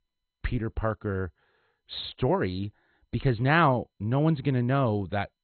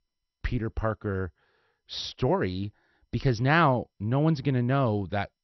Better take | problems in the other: second | garbled, watery; badly; nothing above 4 kHz; slightly in the second

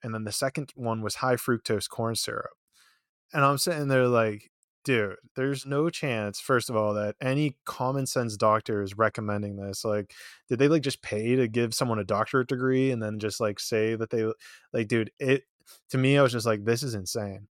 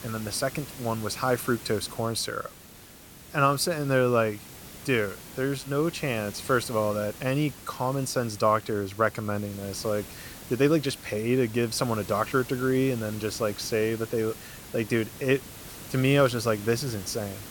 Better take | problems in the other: first | hiss; noticeable; throughout; 15 dB below the speech

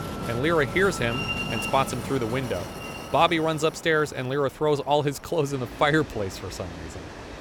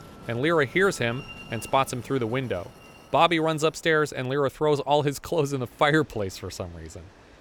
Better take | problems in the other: second | train or aircraft noise; loud; throughout; 9 dB below the speech; faint in the second

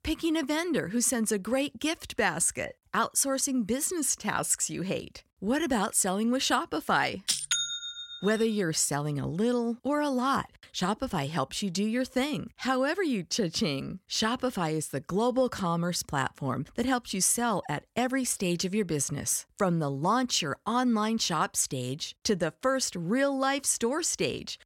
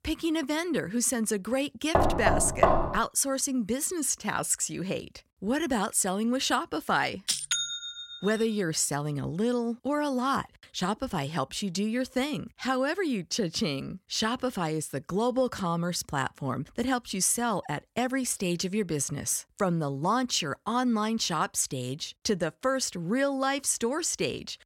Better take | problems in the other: first | door banging; loud; from 2 to 3 s; peak 4 dB above the speech

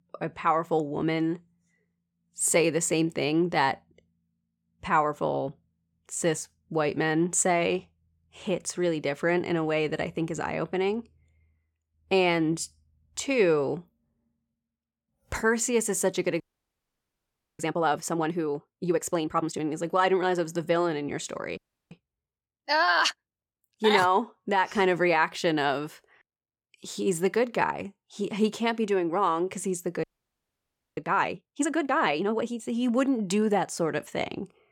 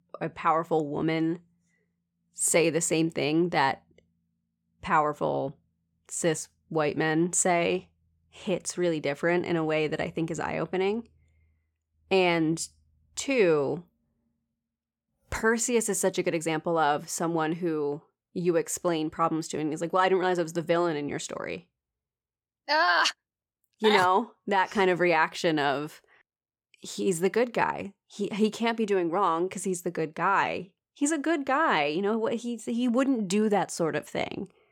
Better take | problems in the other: second | audio freezing; at 16 s for 1 s, at 22 s and at 30 s for 1 s

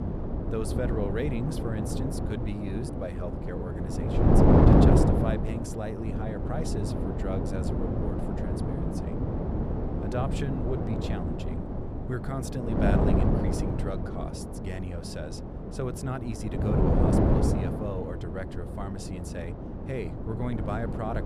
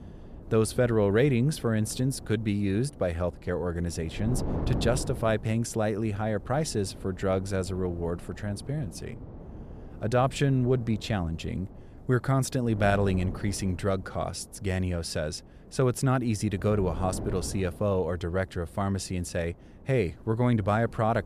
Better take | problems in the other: second | wind noise on the microphone; heavy; 4 dB above the speech; occasional gusts in the second

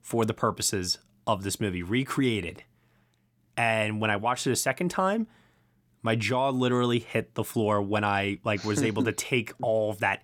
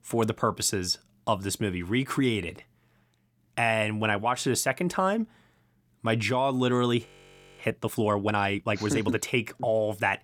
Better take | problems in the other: first | audio freezing; at 7 s for 0.5 s

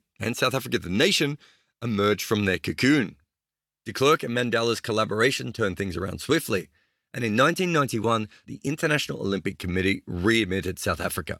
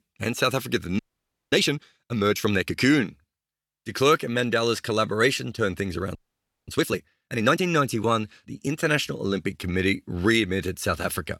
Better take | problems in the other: first | audio freezing; at 1 s for 0.5 s and at 6 s for 0.5 s

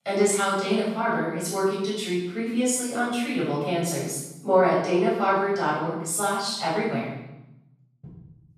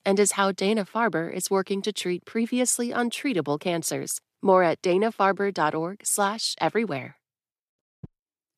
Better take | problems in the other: second | room echo; strong; dies away in 0.9 s // off-mic speech; far

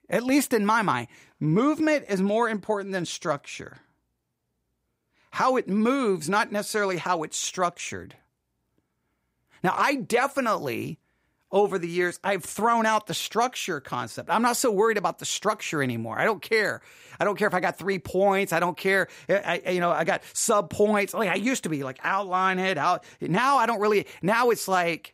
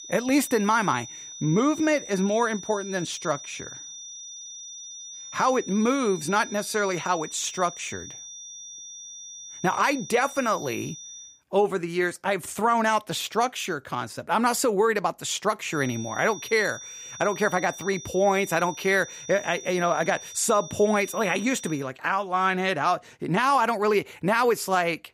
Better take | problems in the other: first | high-pitched whine; noticeable; until 11 s and from 16 to 22 s; 6 kHz, 15 dB below the speech

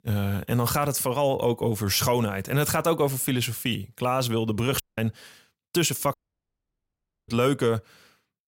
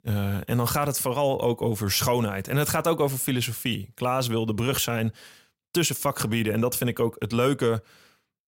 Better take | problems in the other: second | audio cutting out; at 5 s and at 6 s for 1 s

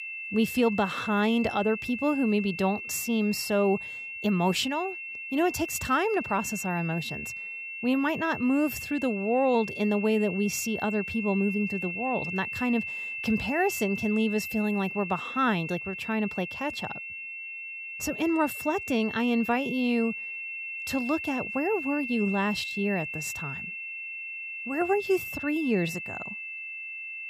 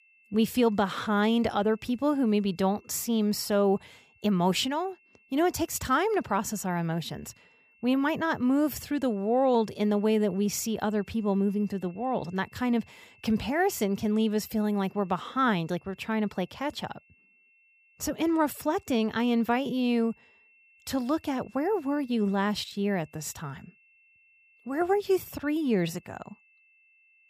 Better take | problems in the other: second | high-pitched whine; loud; throughout; 2.5 kHz, 6 dB below the speech; faint in the second

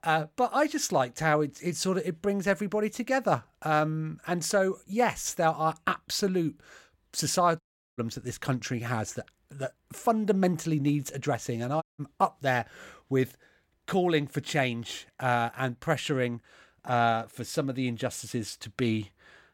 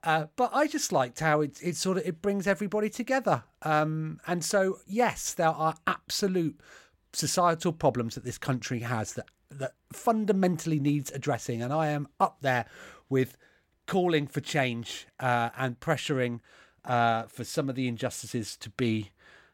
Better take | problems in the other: second | audio cutting out; at 7.5 s and at 12 s

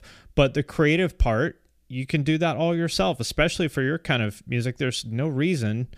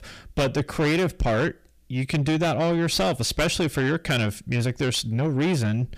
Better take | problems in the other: first | distortion; heavy; 7 dB below the speech

